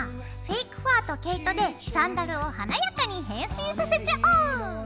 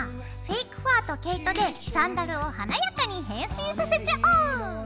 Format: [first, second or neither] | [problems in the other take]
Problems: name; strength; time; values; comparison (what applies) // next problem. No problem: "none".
first | background sound (Coin (dropping)); 12 dB below the speech